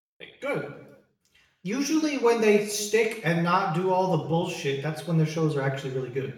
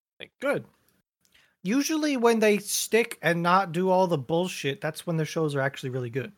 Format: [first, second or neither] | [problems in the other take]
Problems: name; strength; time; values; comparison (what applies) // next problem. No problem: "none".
second | room echo; noticeable; dies away in 0.7 s // off-mic speech; far